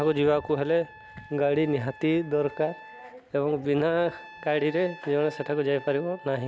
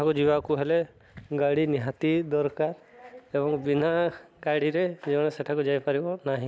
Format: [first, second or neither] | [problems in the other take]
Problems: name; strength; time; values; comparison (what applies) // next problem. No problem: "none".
second | background sound (Trumpet); 20 dB below the speech